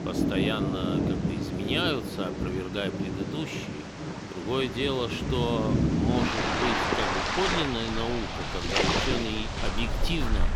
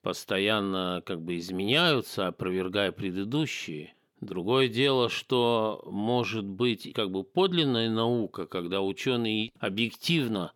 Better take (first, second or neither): second